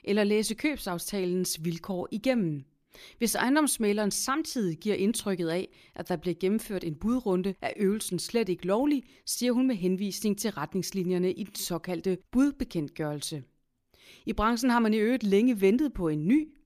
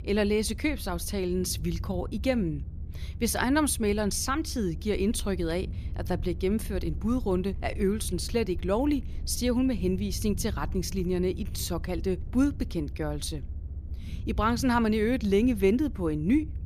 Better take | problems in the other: first | low rumble; faint; throughout; 20 dB below the speech

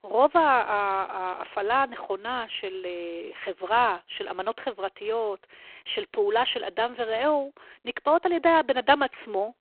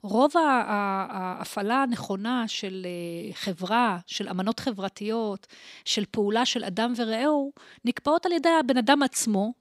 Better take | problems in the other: second | phone-call audio; poor line

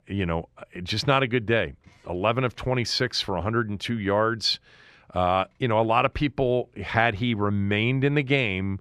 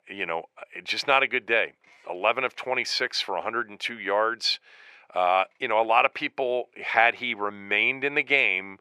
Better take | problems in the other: first | thin; very; fading below 550 Hz

